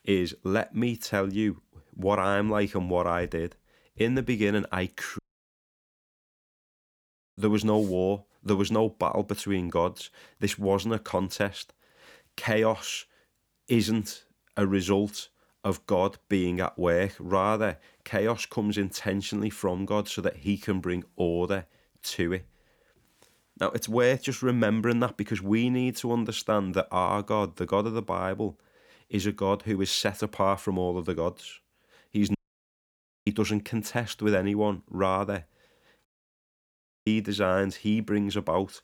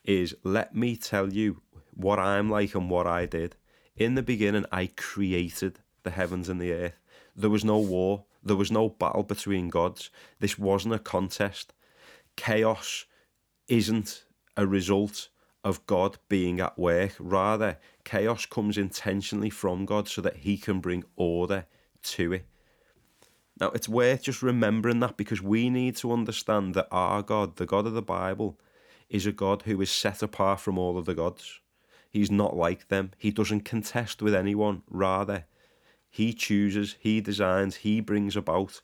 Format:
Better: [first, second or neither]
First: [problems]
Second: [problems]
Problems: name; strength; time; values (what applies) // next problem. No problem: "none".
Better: second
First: audio cutting out; at 5 s for 2 s, at 32 s for 1 s and at 36 s for 1 s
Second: none